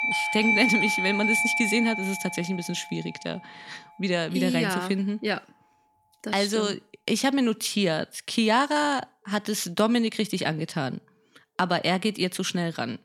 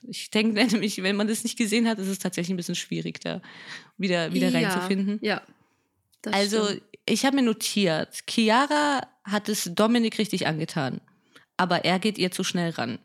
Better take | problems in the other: second | alarms or sirens; very faint; throughout; 1 dB above the speech

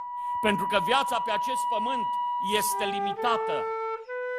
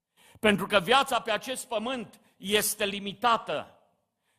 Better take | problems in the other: second | background music; very loud; throughout; as loud as the speech

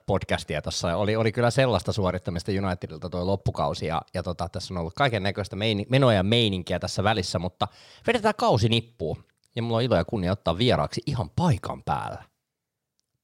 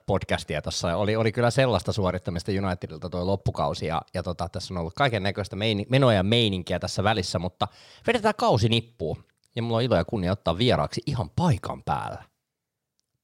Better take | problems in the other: neither | none

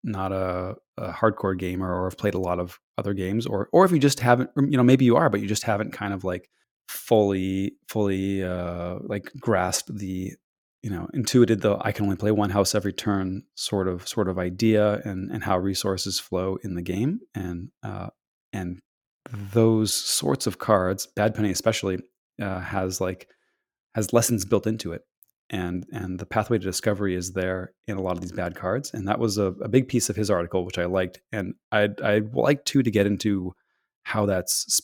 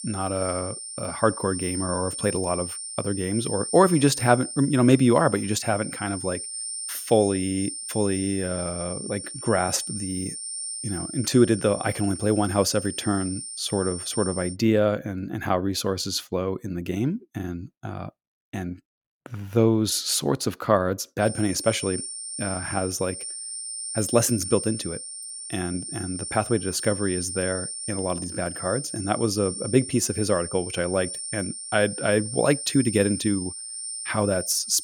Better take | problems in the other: first | high-pitched whine; loud; until 15 s and from 21 s on; 9 kHz, 7 dB below the speech

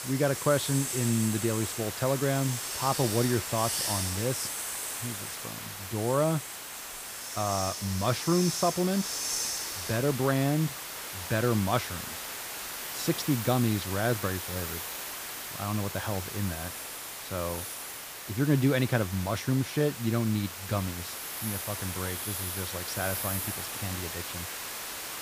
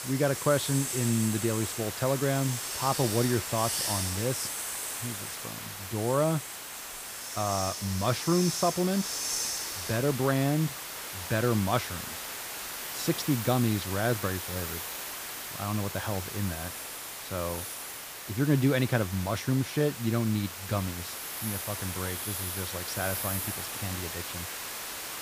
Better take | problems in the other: neither | hiss; loud; throughout; 4 dB below the speech; the same in both

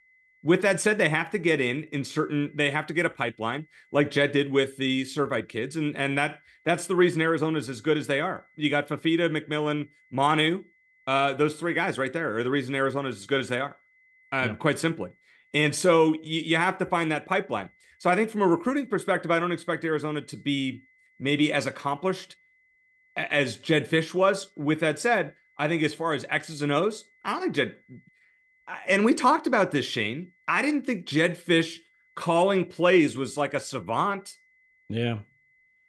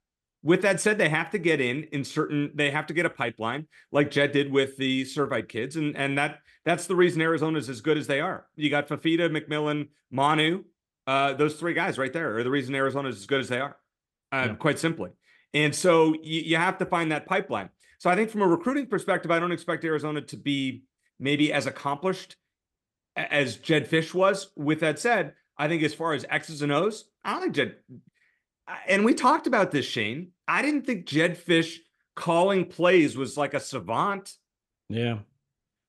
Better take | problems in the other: second | high-pitched whine; faint; throughout; 2 kHz, 35 dB below the speech

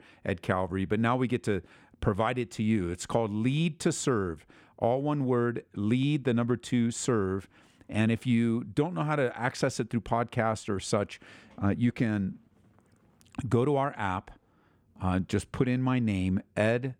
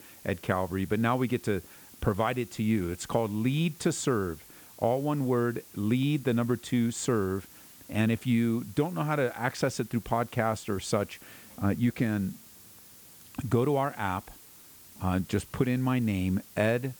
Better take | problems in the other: first | hiss; noticeable; throughout; 20 dB below the speech

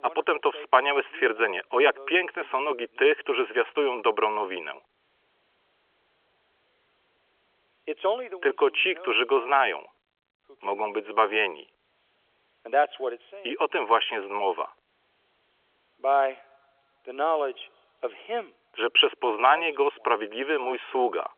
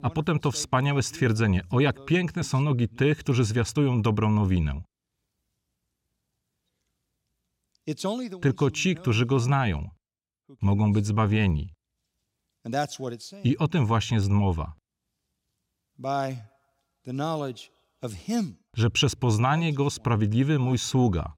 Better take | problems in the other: second | phone-call audio; nothing above 3 kHz

